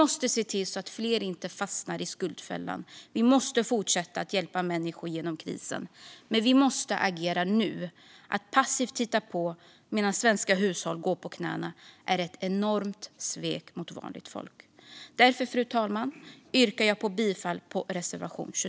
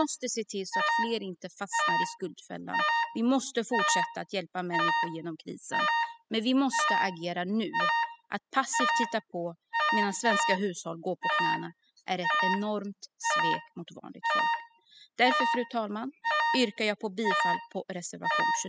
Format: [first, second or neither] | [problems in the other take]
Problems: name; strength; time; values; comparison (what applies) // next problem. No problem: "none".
first | noise reduction (classical method spectral subtraction)